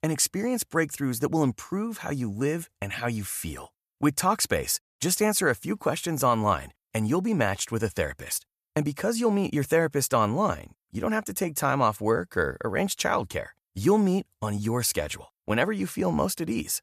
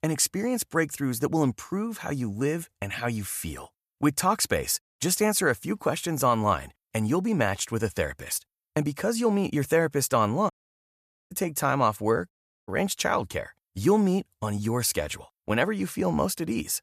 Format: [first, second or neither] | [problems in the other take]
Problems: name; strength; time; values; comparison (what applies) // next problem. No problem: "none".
first | audio cutting out; at 11 s for 1 s and at 12 s